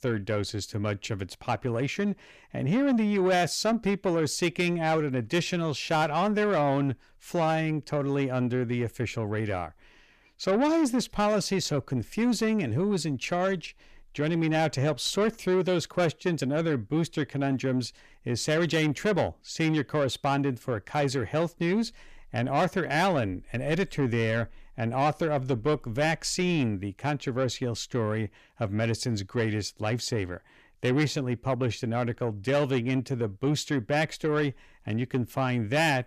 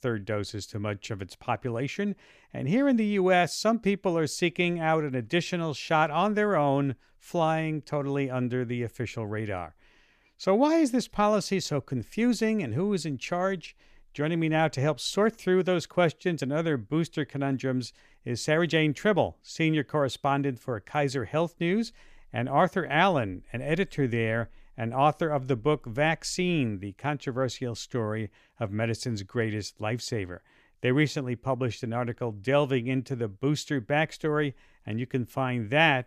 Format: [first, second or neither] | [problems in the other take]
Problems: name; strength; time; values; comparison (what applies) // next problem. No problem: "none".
second | distortion; slight; 10 dB below the speech